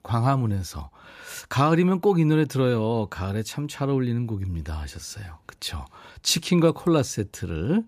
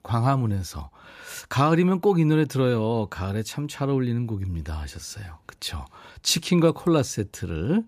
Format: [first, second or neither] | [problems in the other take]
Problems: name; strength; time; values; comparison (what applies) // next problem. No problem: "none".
neither | none